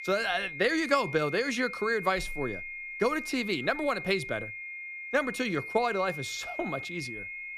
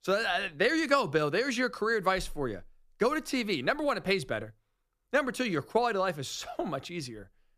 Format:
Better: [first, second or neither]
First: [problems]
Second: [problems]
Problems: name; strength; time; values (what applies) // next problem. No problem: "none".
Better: second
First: high-pitched whine; loud; throughout; 2 kHz, 8 dB below the speech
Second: none